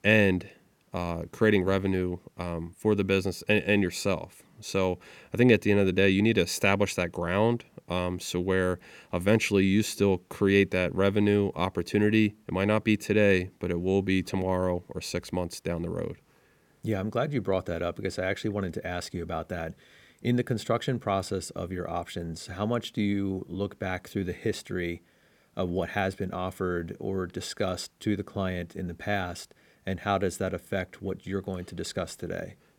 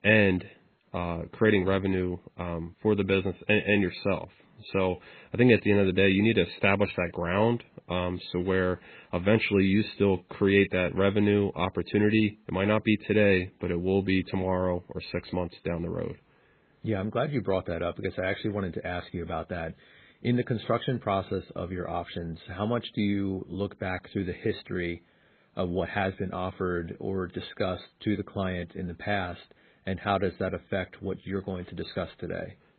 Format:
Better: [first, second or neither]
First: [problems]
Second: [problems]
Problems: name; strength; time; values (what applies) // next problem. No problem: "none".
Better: first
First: none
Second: garbled, watery; badly; nothing above 4 kHz